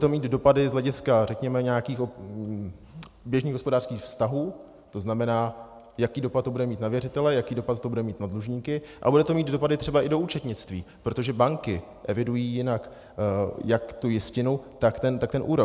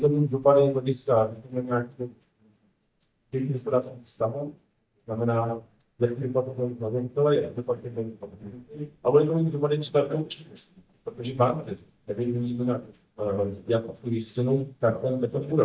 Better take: first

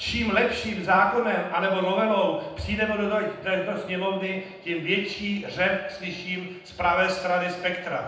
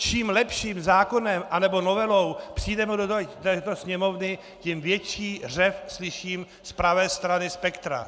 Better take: second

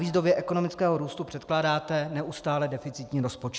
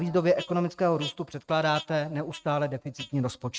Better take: first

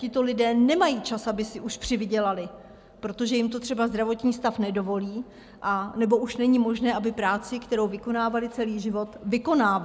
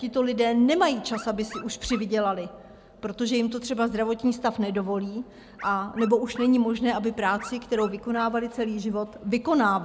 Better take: first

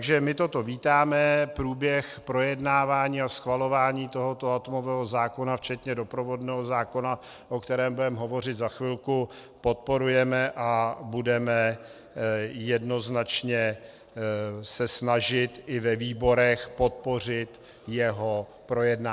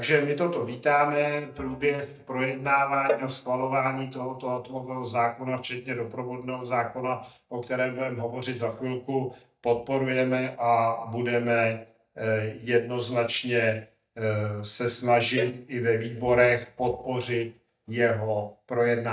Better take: first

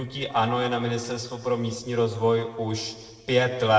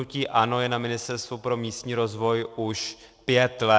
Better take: second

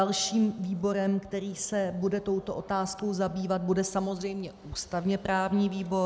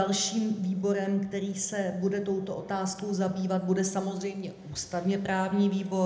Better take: first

